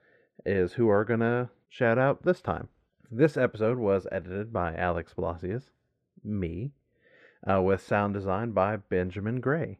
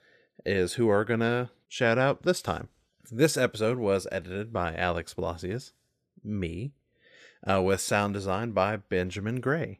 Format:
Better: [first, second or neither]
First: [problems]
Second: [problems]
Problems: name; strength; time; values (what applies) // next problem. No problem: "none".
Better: second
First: muffled; very; fading above 3.5 kHz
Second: none